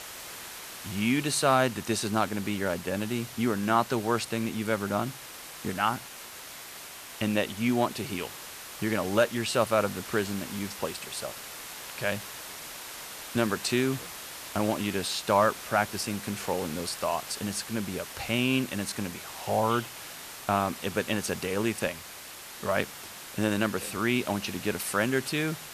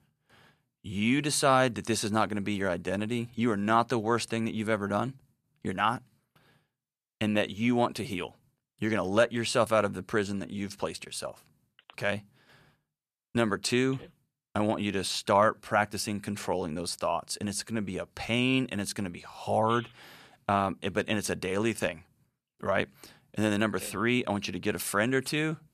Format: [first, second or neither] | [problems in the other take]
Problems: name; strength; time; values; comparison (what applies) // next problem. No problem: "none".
second | hiss; noticeable; throughout; 10 dB below the speech